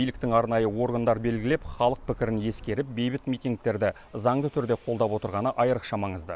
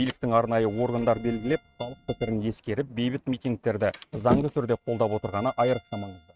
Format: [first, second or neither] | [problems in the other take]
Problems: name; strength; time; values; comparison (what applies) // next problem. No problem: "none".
first | noise reduction (neural mask model RNNoise)